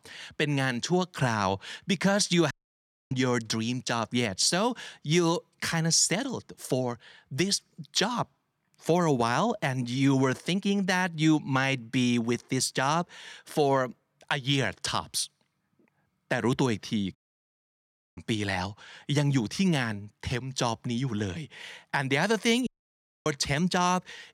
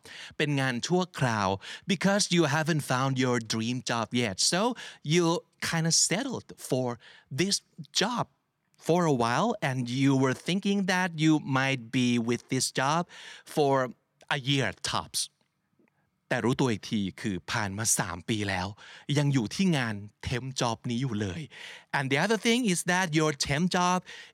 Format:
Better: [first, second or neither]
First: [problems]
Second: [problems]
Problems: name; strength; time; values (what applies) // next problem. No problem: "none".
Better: second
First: audio cutting out; at 2.5 s for 0.5 s, at 17 s for 1 s and at 23 s for 0.5 s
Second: none